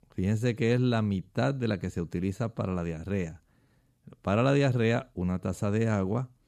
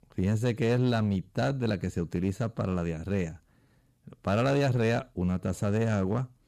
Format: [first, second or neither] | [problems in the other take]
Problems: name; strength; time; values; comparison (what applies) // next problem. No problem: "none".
first | distortion; slight; 8% of the sound clipped